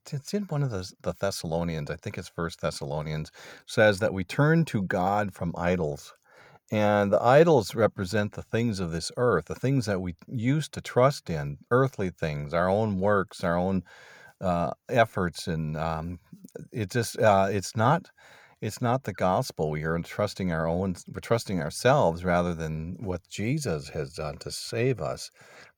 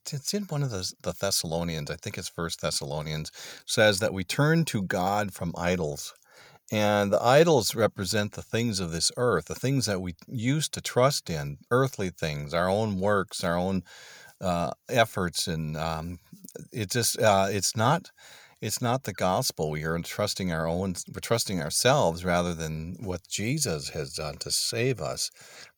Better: second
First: muffled; slightly; fading above 3 kHz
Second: none

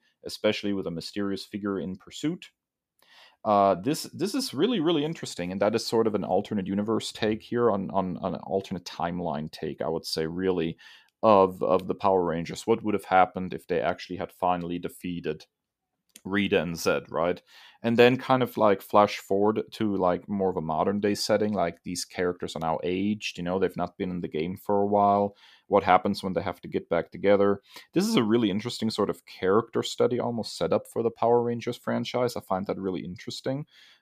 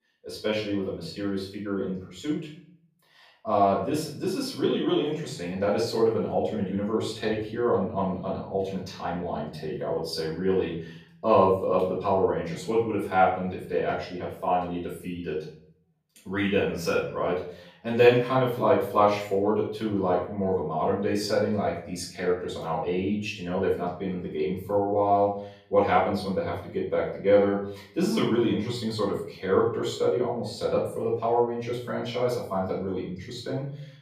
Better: first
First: none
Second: room echo; noticeable; dies away in 0.5 s // off-mic speech; far

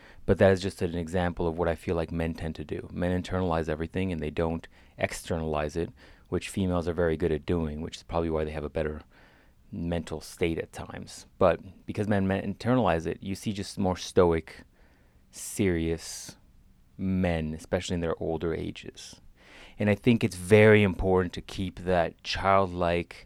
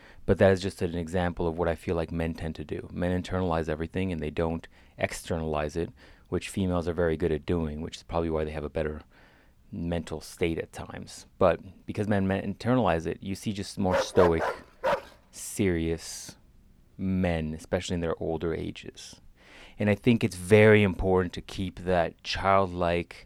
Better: first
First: none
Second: dog barking; loud; from 14 to 15 s; peak level with the speech

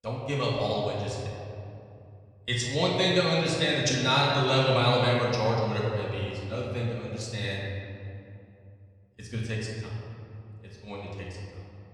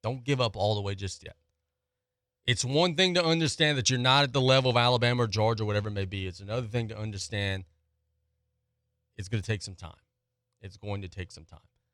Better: second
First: off-mic speech; far // room echo; noticeable; dies away in 2.3 s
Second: none

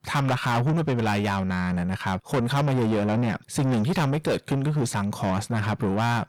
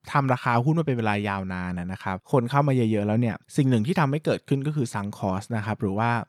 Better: second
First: distortion; heavy; 6 dB below the speech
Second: none

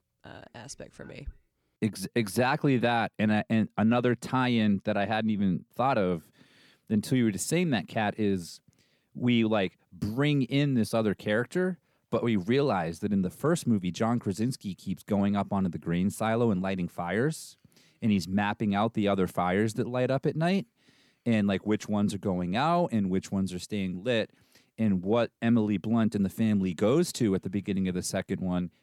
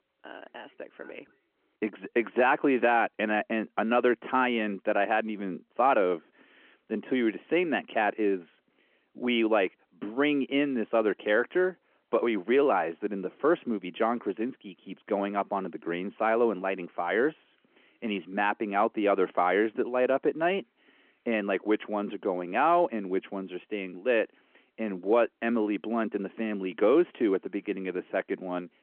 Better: first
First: none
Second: phone-call audio

